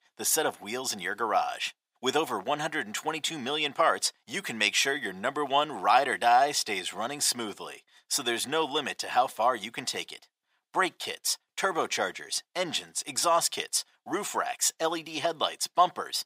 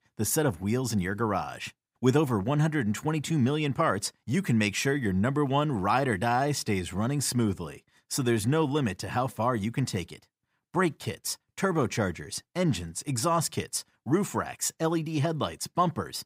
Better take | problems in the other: second | thin; very; fading below 550 Hz

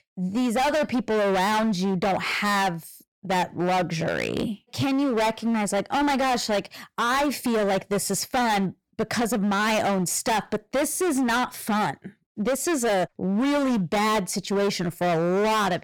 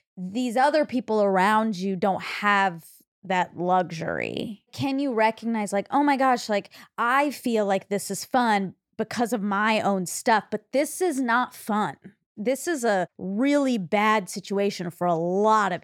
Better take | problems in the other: second | distortion; heavy; 27% of the sound clipped

